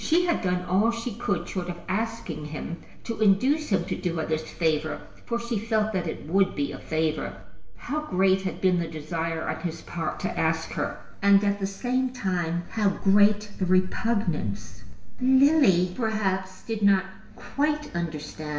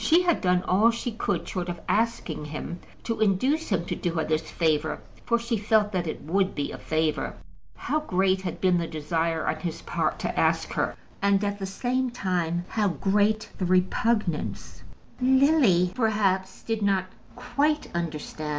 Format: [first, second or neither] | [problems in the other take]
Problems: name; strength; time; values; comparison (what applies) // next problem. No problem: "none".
second | room echo; dies away in 0.9 s